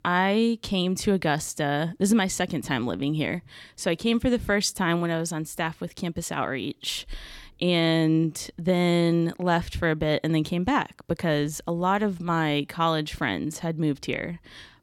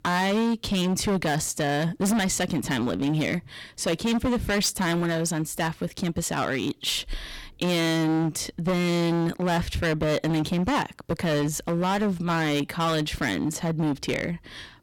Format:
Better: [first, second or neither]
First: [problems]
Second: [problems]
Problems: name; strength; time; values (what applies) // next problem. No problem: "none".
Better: first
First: none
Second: distortion; heavy; 19% of the sound clipped